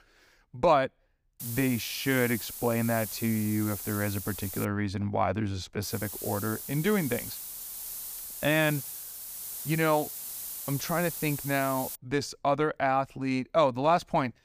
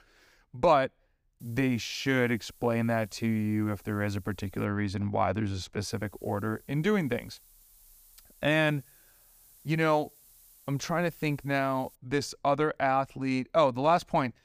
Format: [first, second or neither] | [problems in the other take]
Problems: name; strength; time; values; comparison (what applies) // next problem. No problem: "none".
second | hiss; loud; from 1.5 to 4.5 s and from 6 to 12 s; 8 dB below the speech; faint in the second